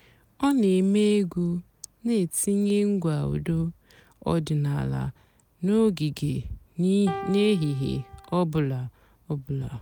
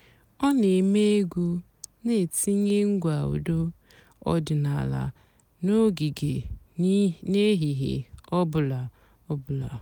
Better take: second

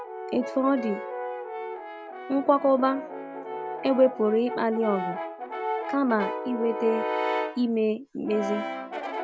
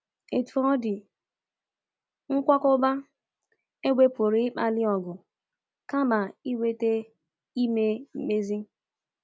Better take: second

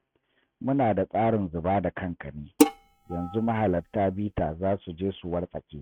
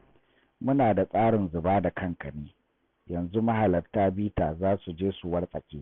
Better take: second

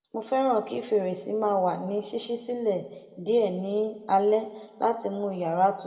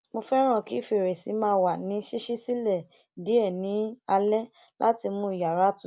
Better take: second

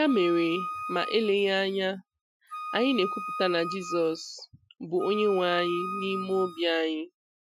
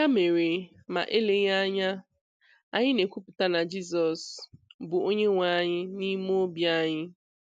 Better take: second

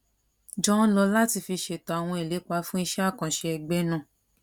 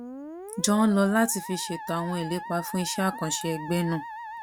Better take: first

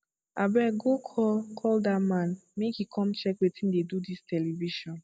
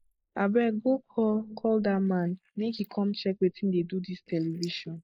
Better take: first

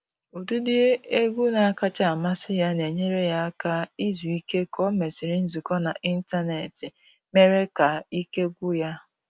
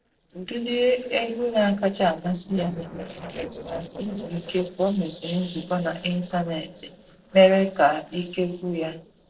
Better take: first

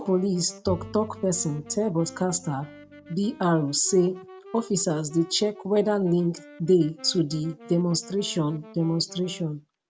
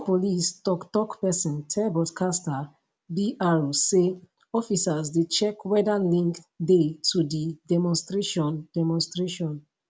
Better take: second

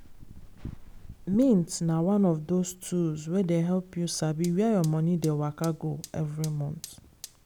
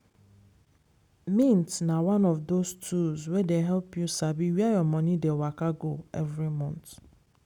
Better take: second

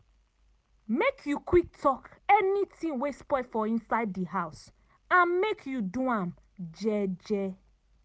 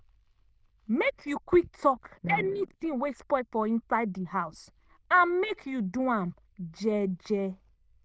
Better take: first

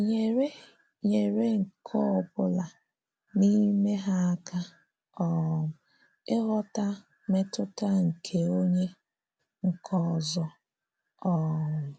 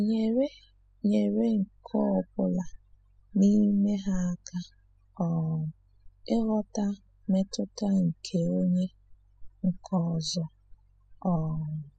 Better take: first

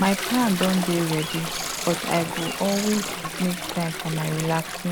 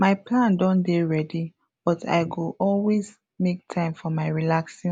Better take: second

